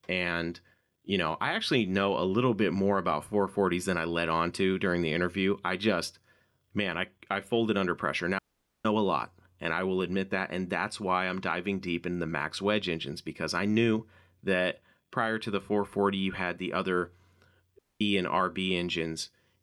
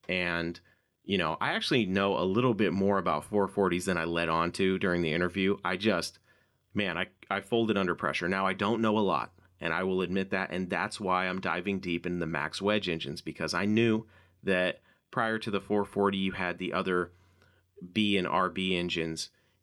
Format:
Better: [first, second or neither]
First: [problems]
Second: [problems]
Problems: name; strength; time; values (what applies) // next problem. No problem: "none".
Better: second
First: audio cutting out; at 8.5 s and at 18 s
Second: none